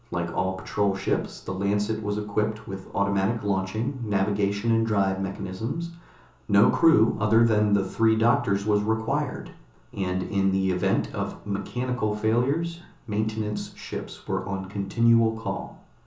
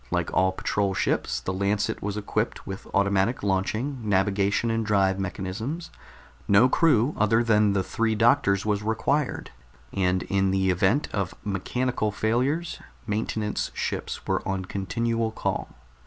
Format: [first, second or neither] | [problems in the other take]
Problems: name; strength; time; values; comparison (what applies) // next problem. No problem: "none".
second | room echo; dies away in 0.8 s